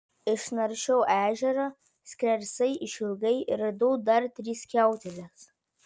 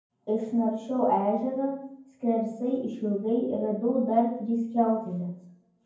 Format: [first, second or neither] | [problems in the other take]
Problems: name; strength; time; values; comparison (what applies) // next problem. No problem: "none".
first | room echo; dies away in 0.9 s